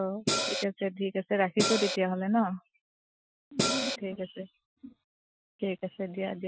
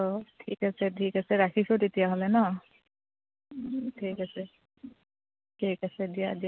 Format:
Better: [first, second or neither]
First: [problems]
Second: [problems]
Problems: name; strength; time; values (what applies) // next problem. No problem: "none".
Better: second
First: noise reduction (classical method Wiener filter)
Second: none